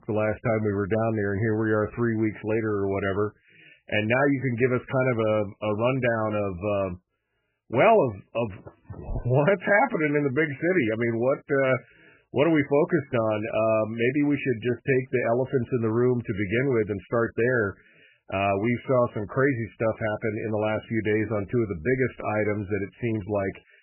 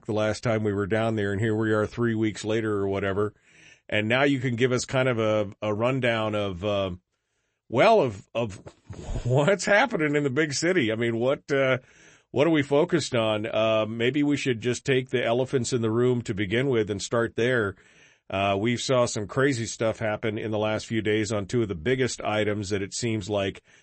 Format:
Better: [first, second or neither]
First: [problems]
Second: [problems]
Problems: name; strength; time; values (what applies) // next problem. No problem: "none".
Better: second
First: garbled, watery; badly; nothing above 3 kHz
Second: garbled, watery; slightly; nothing above 8 kHz